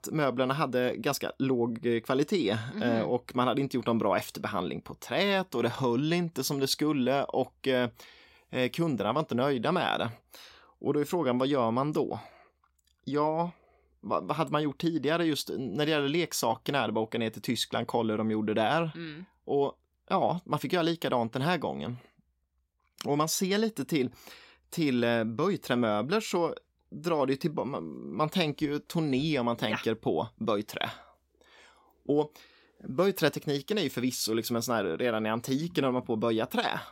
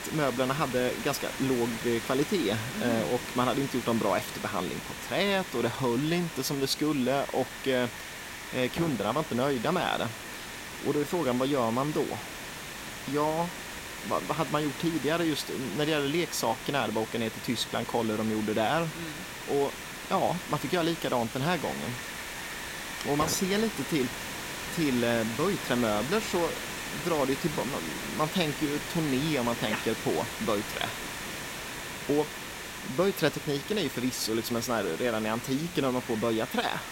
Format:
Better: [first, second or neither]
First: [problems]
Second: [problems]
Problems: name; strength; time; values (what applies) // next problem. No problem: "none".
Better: first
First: none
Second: hiss; loud; throughout; 7 dB below the speech